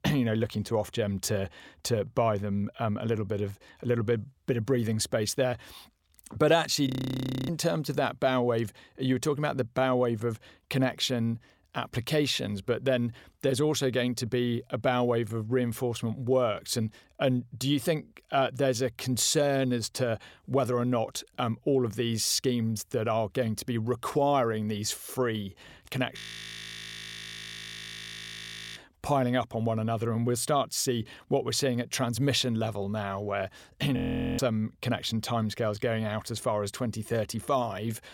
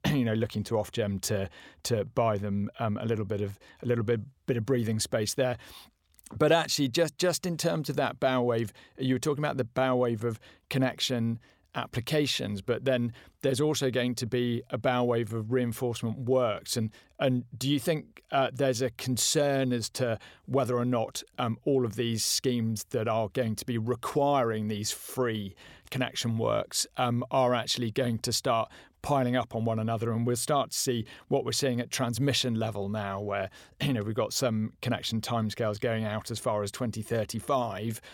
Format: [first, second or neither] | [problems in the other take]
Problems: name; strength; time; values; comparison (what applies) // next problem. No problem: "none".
second | audio freezing; at 7 s for 0.5 s, at 26 s for 2.5 s and at 34 s